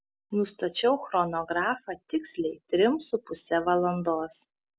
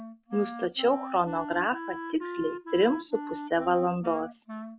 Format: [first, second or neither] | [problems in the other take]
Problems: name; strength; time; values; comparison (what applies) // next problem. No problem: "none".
first | background sound (Wind instrument, woodwind instrument); 10 dB below the speech